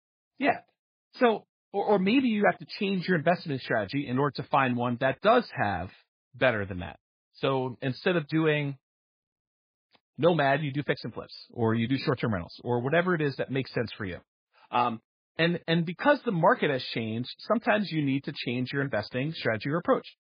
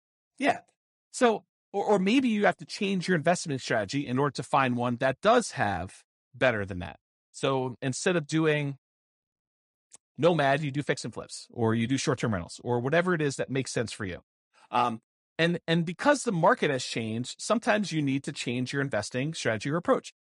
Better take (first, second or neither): second